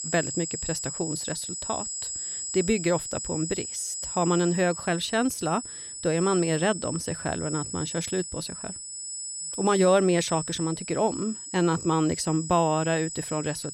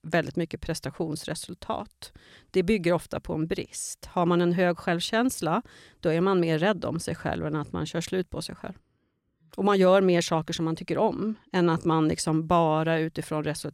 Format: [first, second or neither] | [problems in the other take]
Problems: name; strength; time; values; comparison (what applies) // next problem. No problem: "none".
second | high-pitched whine; loud; throughout; 8 kHz, 6 dB below the speech